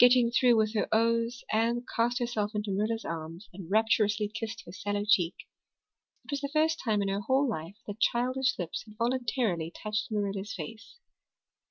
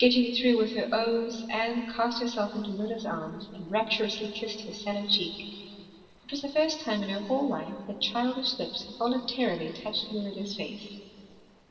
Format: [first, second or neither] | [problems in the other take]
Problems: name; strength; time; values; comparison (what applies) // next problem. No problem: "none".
first | noise reduction (neural separator model SepFormer DNS4)